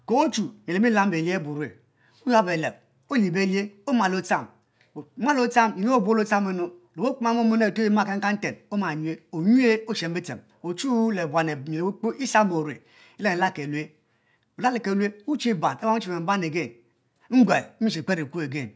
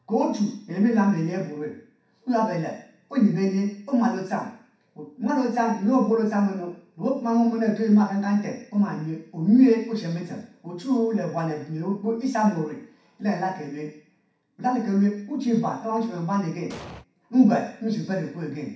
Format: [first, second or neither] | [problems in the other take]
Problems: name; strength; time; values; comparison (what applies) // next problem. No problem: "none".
first | background sound (Explosion); 14 dB below the speech // room echo; dies away in 0.6 s